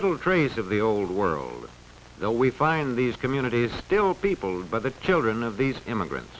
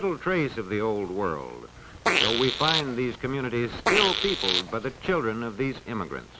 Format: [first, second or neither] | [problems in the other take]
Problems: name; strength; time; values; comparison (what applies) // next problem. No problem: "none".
first | background sound (Fart); as loud as the speech